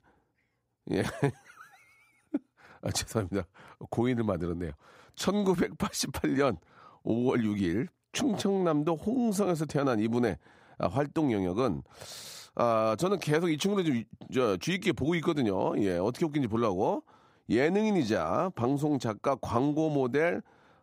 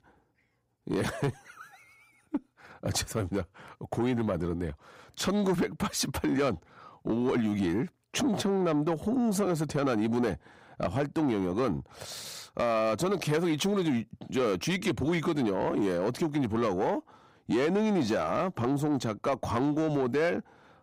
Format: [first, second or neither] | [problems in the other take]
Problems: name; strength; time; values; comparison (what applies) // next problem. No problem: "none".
first | distortion; slight; 10 dB below the speech